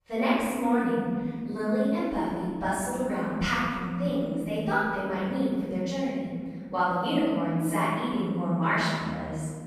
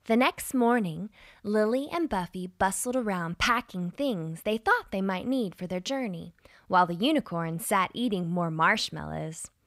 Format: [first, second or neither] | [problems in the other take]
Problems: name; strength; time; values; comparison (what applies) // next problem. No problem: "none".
second | room echo; strong; dies away in 2.3 s // off-mic speech; far